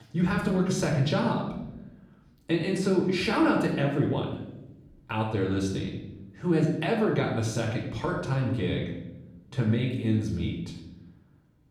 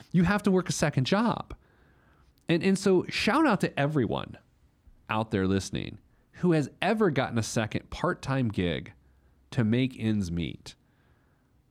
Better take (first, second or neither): second